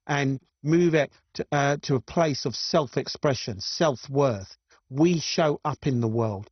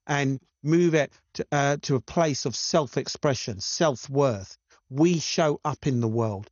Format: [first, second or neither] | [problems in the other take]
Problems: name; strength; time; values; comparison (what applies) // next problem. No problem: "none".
second | garbled, watery; badly; nothing above 6 kHz; slightly in the second